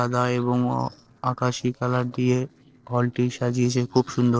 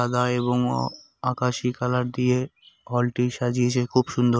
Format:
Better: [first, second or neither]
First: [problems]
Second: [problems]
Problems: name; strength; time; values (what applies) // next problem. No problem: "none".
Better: second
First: noise reduction (neural separator model SepFormer DNS4)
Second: none